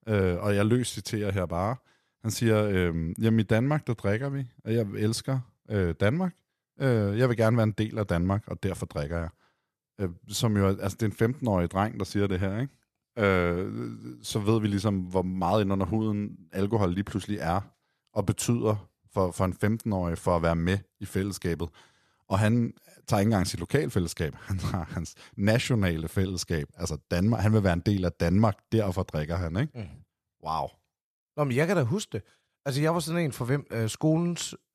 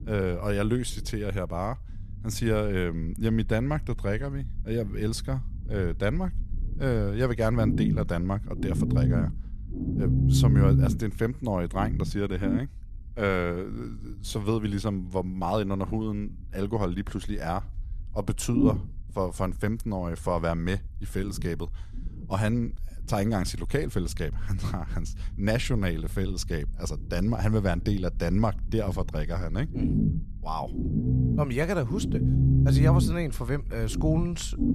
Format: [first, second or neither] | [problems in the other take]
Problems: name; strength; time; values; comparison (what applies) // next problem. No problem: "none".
first | low rumble; loud; throughout; 3 dB below the speech